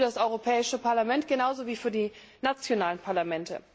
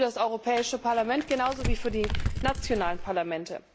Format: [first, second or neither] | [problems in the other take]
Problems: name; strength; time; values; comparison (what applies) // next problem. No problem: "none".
first | background sound (Crumpling, crinkling); 3 dB below the speech